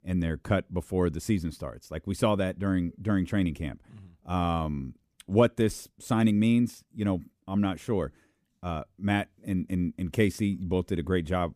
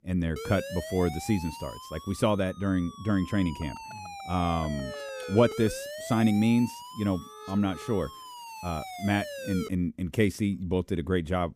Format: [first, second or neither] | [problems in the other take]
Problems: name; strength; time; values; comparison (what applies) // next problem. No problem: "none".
first | siren; noticeable; until 9.5 s; peak 8 dB below the speech